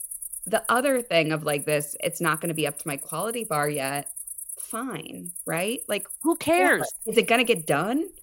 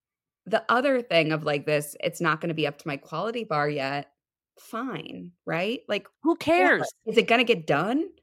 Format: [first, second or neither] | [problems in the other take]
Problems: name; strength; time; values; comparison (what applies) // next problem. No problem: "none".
second | animal sounds; loud; throughout; 9 dB below the speech